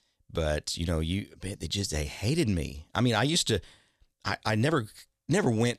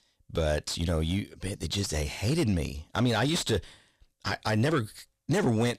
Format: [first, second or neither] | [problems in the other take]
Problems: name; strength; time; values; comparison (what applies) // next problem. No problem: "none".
first | distortion; slight; 10 dB below the speech